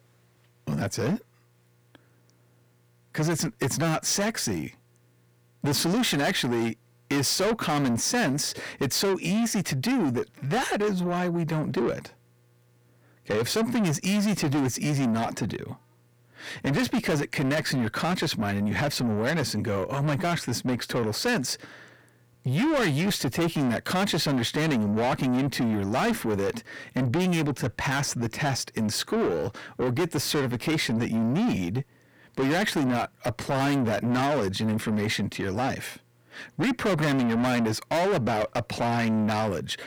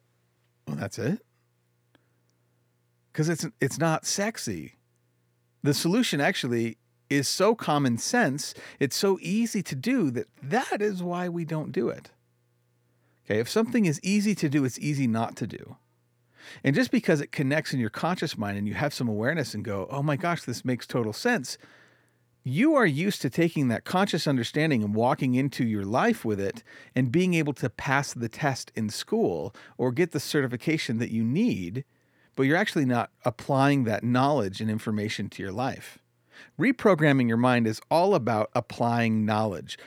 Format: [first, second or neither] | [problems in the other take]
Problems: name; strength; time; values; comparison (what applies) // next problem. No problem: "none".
second | distortion; heavy; 6 dB below the speech